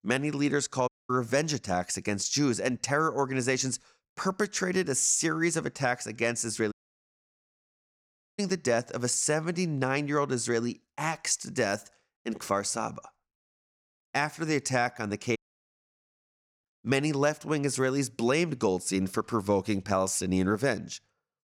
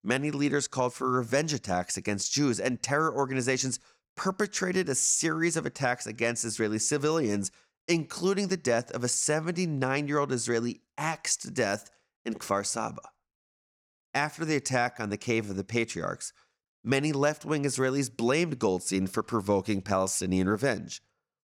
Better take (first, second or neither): second